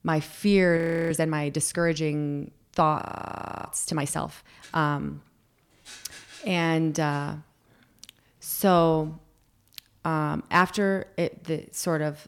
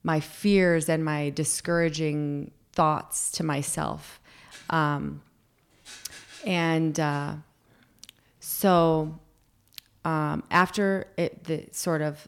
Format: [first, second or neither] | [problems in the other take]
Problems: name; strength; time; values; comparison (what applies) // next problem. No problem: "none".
second | audio freezing; at 1 s and at 3 s for 0.5 s